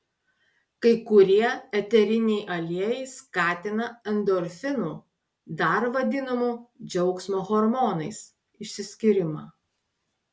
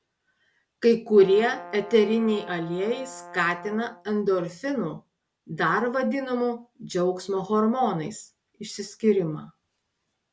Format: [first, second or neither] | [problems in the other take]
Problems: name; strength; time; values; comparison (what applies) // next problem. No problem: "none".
first | background sound (Brass instrument); 17 dB below the speech